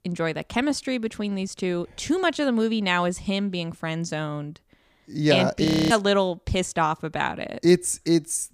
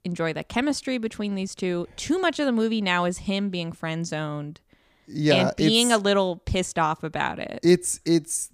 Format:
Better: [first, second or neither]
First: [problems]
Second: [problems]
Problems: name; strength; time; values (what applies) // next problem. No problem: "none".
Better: second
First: audio freezing; at 5.5 s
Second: none